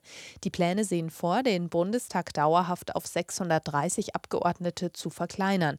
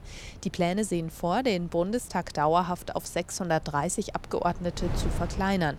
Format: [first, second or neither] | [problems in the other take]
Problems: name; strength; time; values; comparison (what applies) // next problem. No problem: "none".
first | wind noise on the microphone; occasional gusts; 20 dB below the speech